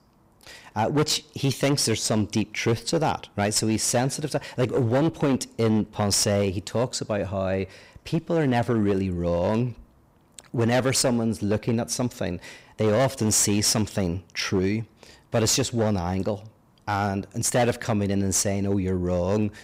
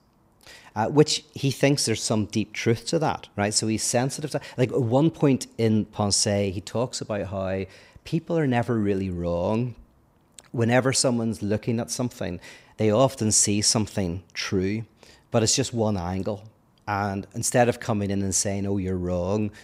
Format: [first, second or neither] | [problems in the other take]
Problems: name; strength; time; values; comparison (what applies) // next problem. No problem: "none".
second | distortion; slight; 10% of the sound clipped